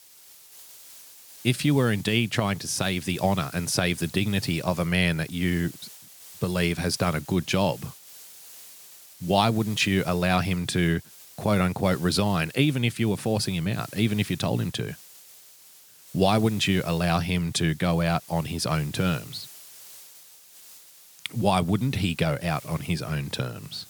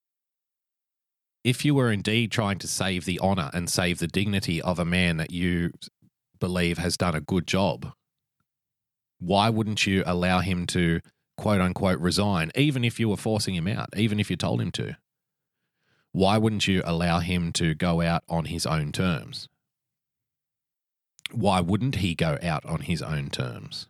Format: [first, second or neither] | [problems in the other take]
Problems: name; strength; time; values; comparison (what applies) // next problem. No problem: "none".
second | hiss; noticeable; throughout; 20 dB below the speech